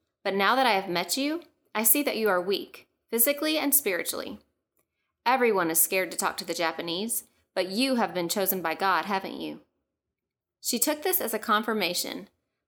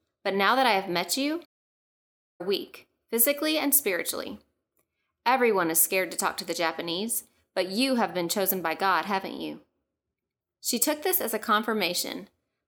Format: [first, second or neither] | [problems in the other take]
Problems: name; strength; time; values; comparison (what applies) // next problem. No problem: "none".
first | audio cutting out; at 1.5 s for 1 s